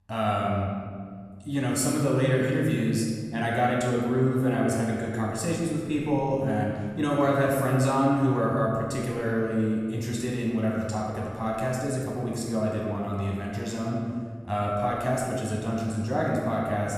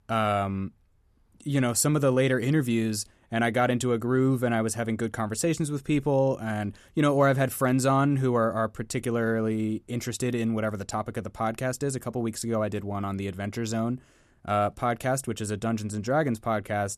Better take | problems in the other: second | off-mic speech; far // room echo; noticeable; dies away in 1.6 s

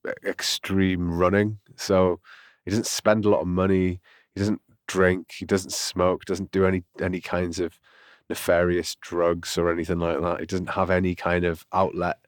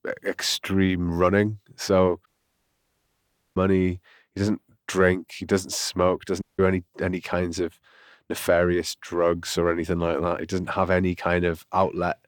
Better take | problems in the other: first | audio cutting out; at 2.5 s for 1.5 s and at 6.5 s

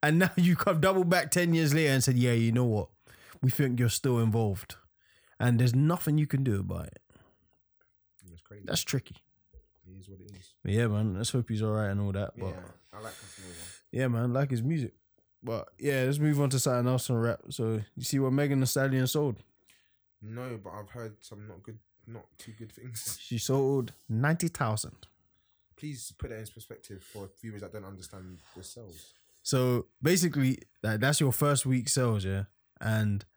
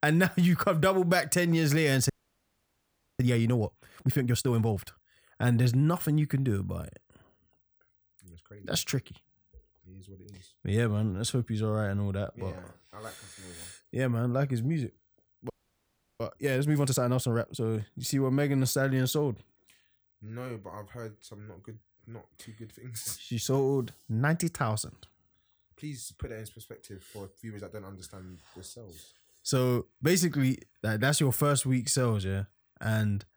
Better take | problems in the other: first | audio freezing; at 2 s for 1 s and at 16 s for 0.5 s

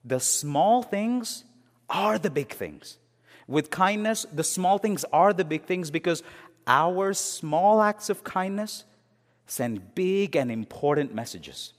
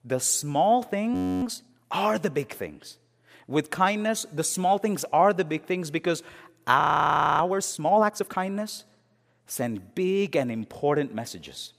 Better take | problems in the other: first | audio freezing; at 1 s and at 7 s for 0.5 s

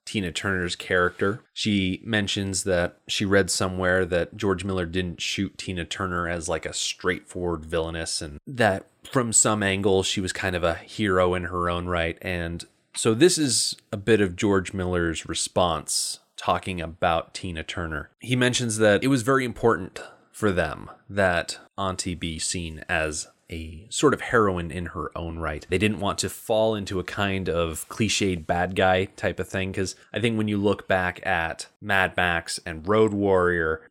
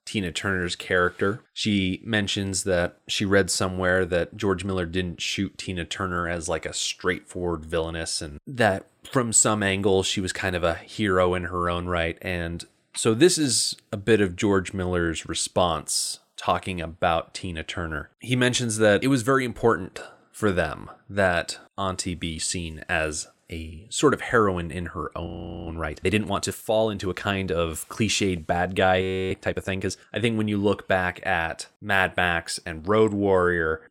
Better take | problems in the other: first | audio freezing; at 25 s and at 29 s

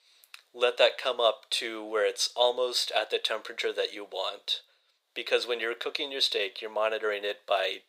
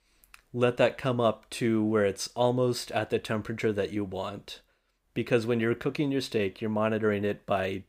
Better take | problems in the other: second | thin; very; fading below 500 Hz

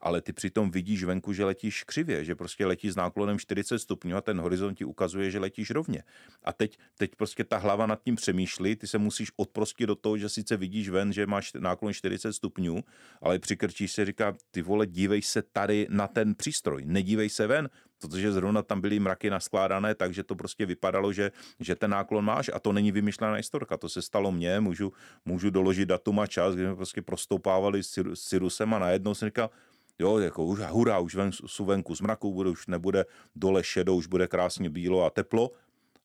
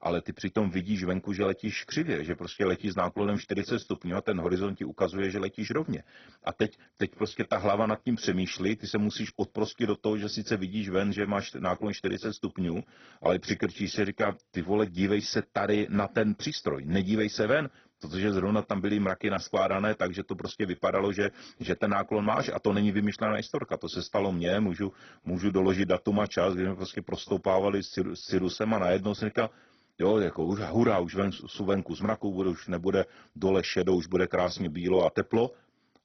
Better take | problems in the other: first | garbled, watery; badly; nothing above 6 kHz

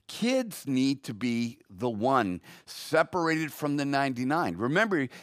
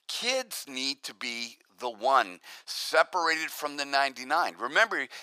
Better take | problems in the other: first | thin; very; fading below 800 Hz

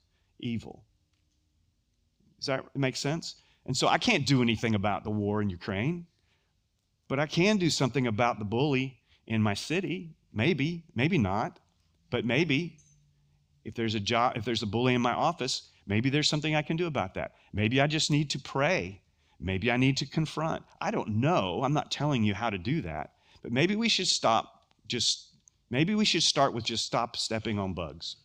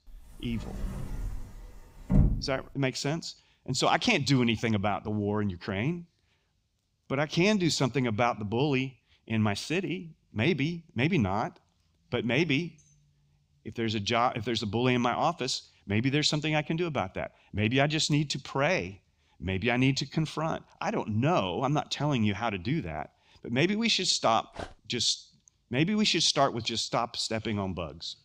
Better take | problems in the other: first | door banging; loud; from 0.5 to 2.5 s; peak 2 dB above the speech // dog barking; faint; at 25 s; peak 15 dB below the speech

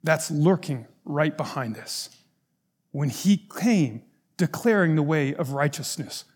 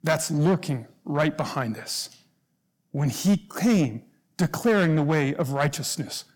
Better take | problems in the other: first | distortion; slight; 7% of the sound clipped

